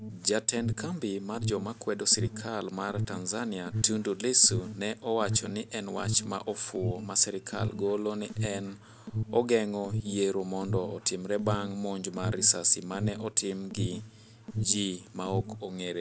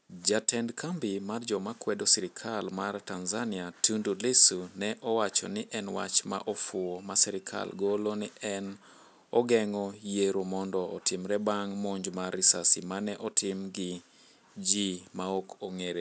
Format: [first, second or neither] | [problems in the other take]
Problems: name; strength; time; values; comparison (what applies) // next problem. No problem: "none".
second | background sound (Alarm); 7 dB below the speech